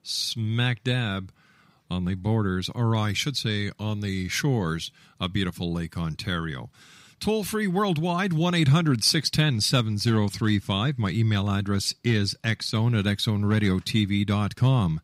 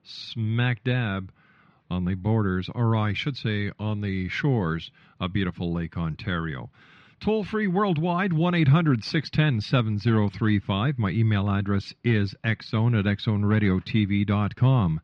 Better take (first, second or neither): first